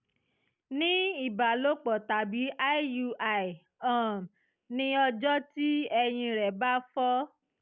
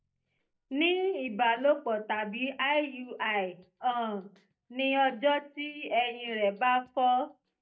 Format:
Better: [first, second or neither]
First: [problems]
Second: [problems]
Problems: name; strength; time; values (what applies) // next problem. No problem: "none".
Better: first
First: none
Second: noise reduction (neural mask model DeepFilterNet 3)